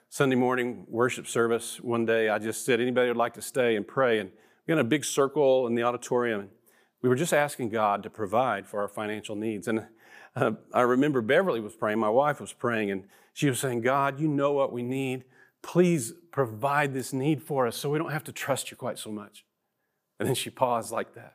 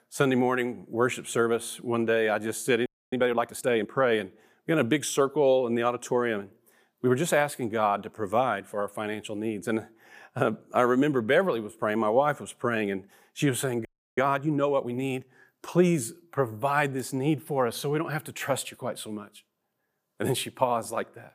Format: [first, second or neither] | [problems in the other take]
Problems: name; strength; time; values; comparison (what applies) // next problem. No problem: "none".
first | audio freezing; at 3 s and at 14 s